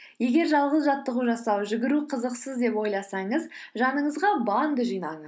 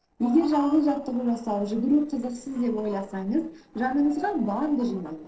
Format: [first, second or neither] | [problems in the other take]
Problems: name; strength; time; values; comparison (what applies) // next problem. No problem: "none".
first | noise reduction (neural separator model SepFormer DNS4)